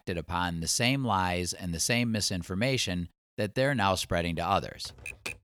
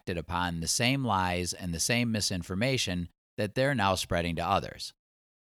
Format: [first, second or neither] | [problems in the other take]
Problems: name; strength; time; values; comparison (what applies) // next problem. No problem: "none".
second | keyboard typing; noticeable; at 5 s; peak 9 dB below the speech